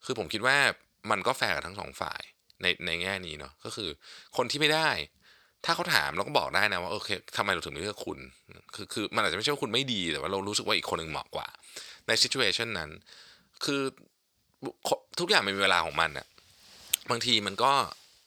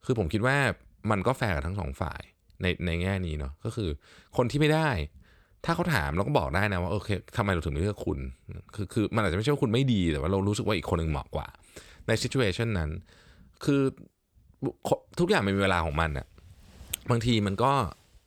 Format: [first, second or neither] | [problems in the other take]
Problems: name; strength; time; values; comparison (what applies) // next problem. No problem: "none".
second | thin; somewhat; fading below 1 kHz